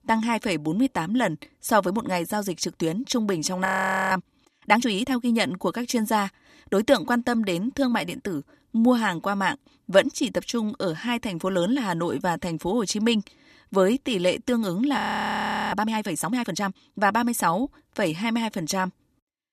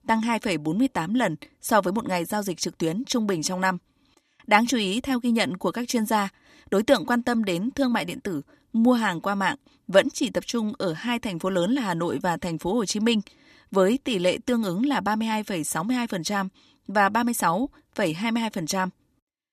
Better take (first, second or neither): second